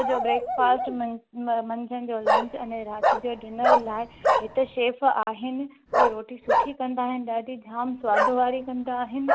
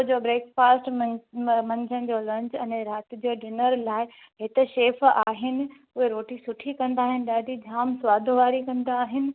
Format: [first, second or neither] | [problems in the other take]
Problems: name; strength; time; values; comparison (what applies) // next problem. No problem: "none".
second | background sound (Bark); as loud as the speech